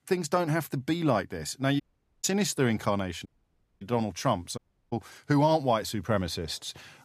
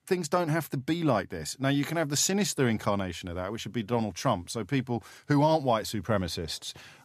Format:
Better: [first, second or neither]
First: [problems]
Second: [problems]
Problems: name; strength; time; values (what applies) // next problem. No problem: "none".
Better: second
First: audio cutting out; at 2 s, at 3.5 s for 0.5 s and at 4.5 s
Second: none